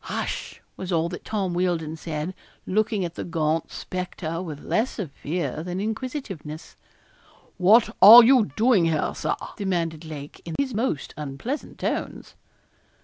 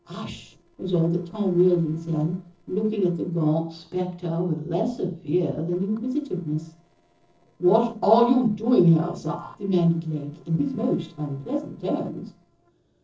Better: first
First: none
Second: noise reduction (neural separator model SepFormer DNS4)

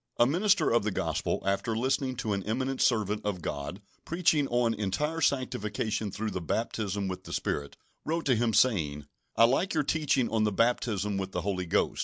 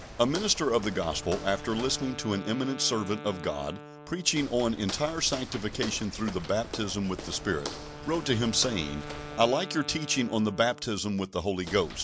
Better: first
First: none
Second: background sound (Walk, footsteps + Wind instrument, woodwind instrument); 12 dB below the speech

